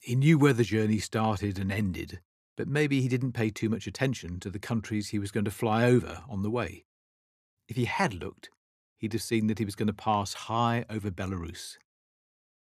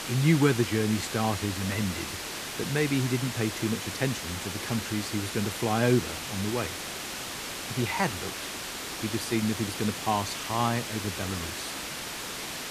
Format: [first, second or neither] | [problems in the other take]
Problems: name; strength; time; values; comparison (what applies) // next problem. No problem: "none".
first | hiss; loud; throughout; 5 dB below the speech